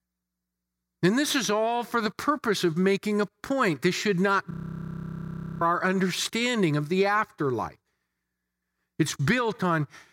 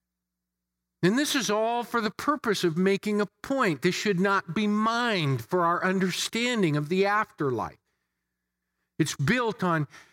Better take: second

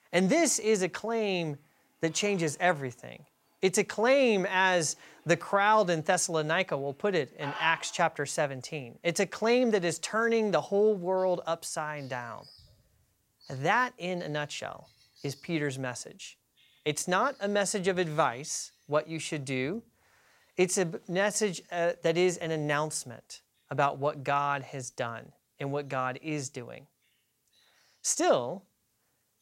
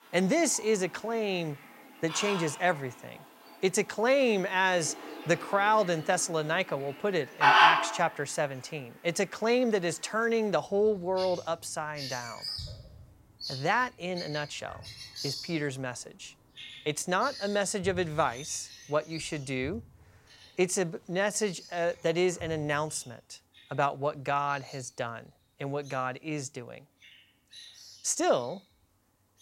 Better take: first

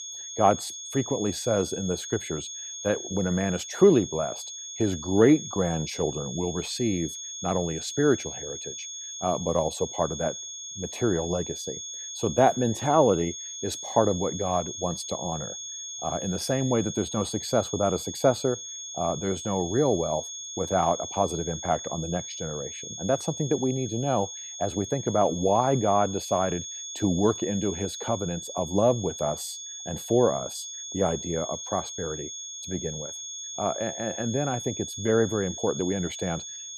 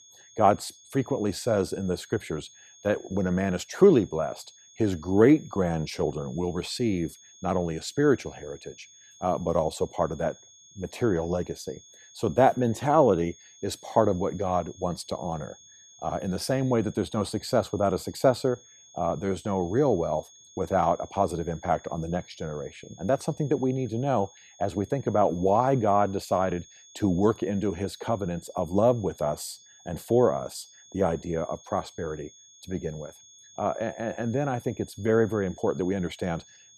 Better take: second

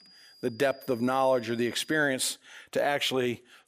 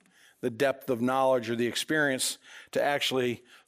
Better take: second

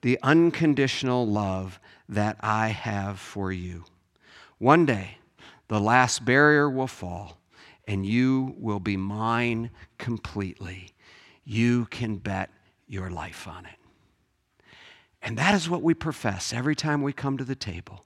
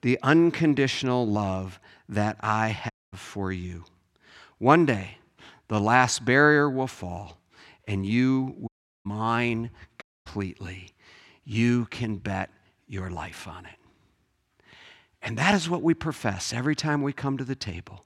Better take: first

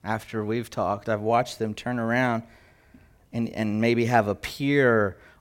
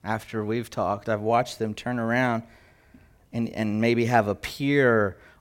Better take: neither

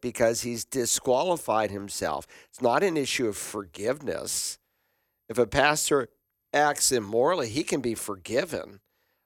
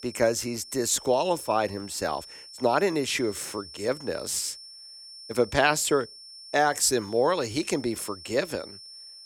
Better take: first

